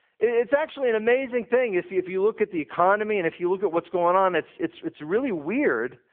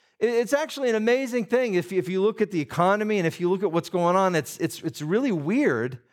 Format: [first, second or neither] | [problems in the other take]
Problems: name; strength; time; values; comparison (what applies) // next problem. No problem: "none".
second | phone-call audio